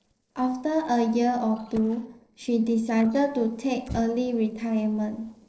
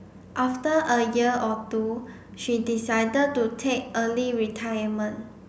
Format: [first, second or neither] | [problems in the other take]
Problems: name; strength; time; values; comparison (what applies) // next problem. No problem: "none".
second | noise reduction (neural separator model SepFormer DNS4)